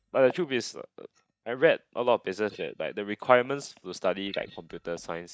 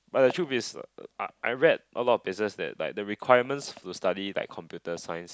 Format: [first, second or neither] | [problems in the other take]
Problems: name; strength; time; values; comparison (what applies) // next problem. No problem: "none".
second | noise reduction (neural mask model DeepFilterNet 3)